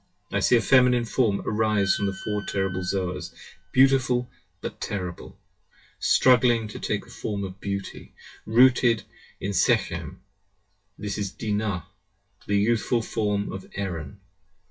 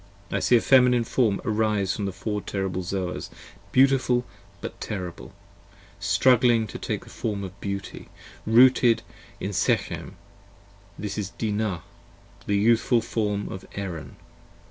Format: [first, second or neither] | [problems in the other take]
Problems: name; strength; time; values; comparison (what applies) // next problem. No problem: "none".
second | noise reduction (classical method WPE with log-MMSE)